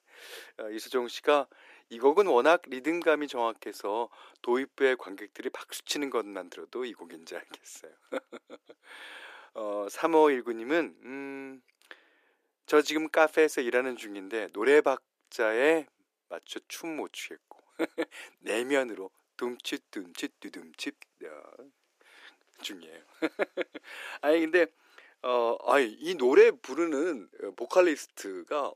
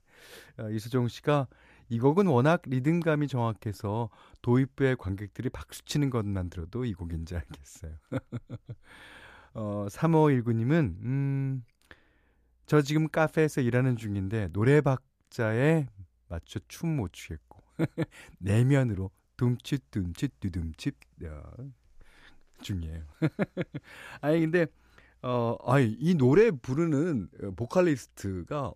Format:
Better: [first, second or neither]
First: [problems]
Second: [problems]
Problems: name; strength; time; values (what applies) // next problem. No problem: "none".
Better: second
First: thin; very; fading below 350 Hz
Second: none